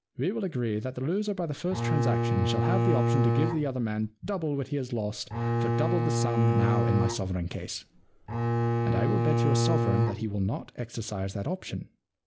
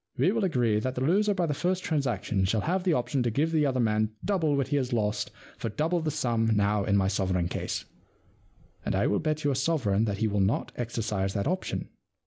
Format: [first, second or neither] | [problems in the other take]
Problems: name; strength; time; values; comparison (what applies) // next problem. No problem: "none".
second | background sound (Bowed string instrument); 3 dB above the speech